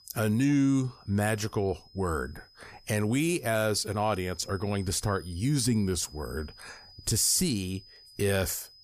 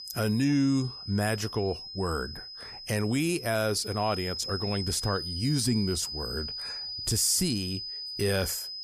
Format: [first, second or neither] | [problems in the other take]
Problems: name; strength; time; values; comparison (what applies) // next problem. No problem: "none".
first | high-pitched whine; loud; throughout; 5 kHz, 7 dB below the speech; faint in the first